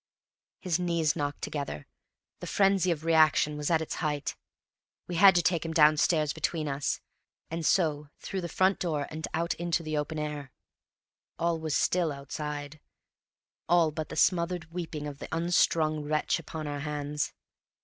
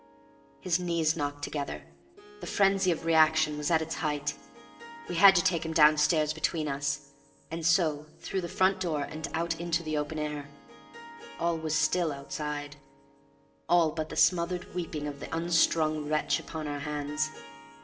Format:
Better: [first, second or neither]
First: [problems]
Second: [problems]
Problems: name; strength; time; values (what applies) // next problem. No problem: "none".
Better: first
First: none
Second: background sound (Harp); 19 dB below the speech // room echo; dies away in 0.7 s